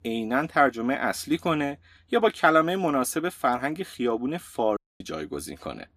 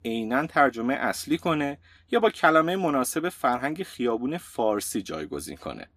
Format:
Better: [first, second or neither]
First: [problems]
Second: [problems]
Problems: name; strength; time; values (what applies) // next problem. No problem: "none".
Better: second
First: audio cutting out; at 5 s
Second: none